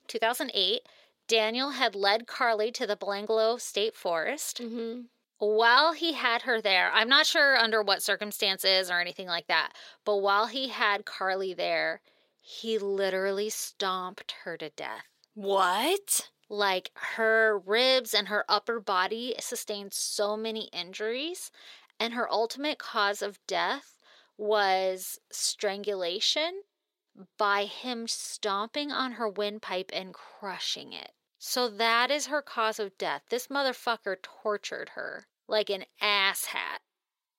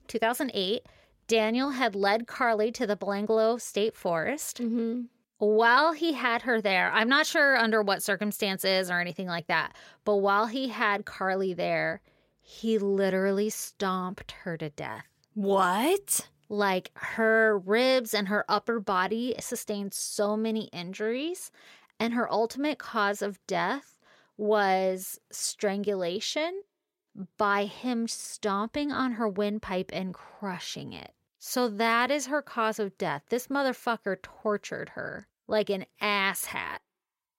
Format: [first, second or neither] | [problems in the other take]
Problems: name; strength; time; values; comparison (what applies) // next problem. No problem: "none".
second | thin; somewhat; fading below 350 Hz